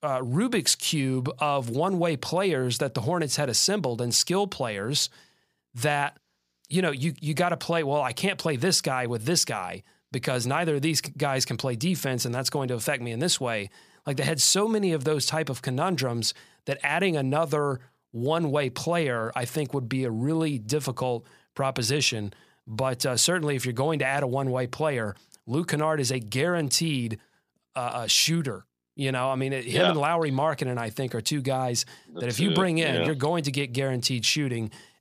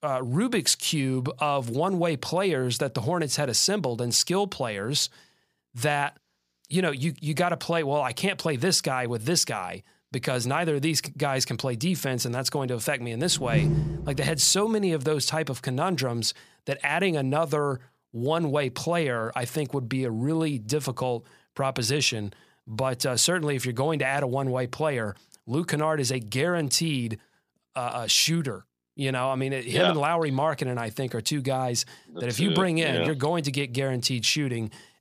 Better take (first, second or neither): first